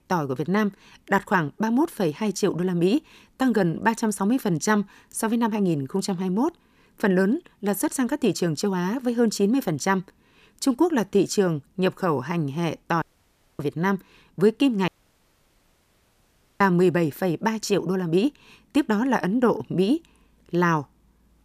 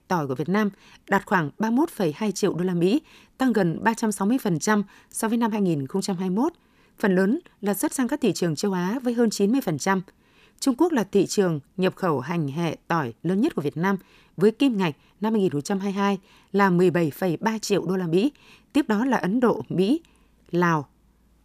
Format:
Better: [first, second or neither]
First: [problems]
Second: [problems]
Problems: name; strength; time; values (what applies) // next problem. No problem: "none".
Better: second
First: audio cutting out; at 13 s for 0.5 s and at 15 s for 1.5 s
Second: none